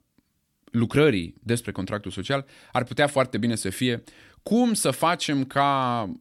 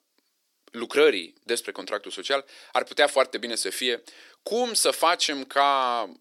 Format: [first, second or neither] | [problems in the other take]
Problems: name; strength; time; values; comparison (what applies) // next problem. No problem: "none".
first | thin; very; fading below 400 Hz